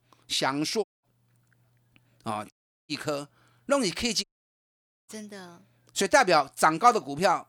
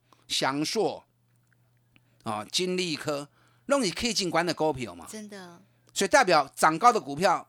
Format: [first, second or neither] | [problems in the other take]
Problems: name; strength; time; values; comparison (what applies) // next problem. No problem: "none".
second | audio cutting out; at 1 s, at 2.5 s and at 4 s for 1 s